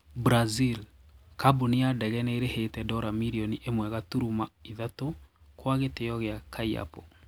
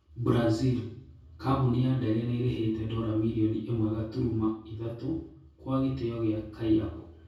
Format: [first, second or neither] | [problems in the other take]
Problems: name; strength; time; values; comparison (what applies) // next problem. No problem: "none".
first | room echo; dies away in 0.6 s